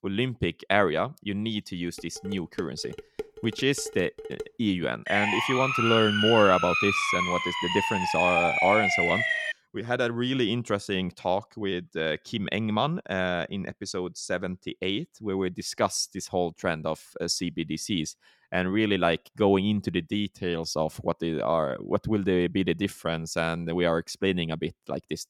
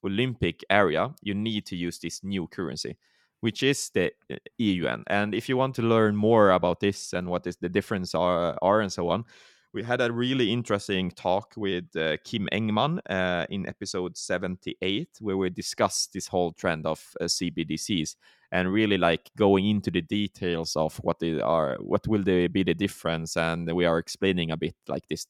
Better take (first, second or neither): second